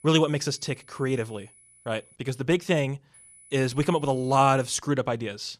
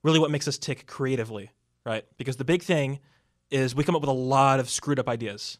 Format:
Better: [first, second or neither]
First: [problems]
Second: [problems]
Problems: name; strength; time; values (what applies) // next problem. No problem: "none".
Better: second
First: high-pitched whine; faint; until 2 s and from 3 to 4.5 s; 10 kHz, 25 dB below the speech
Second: none